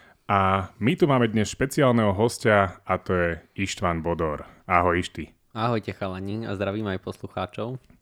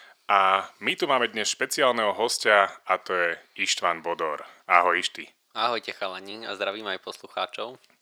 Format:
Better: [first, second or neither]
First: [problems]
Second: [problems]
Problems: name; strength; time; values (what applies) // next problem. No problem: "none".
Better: first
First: none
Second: thin; very; fading below 600 Hz